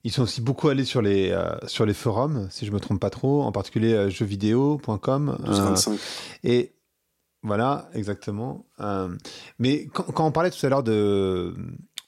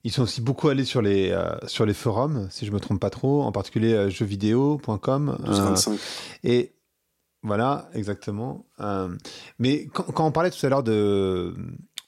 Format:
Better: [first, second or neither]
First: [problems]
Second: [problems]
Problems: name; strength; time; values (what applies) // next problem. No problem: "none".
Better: neither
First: none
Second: none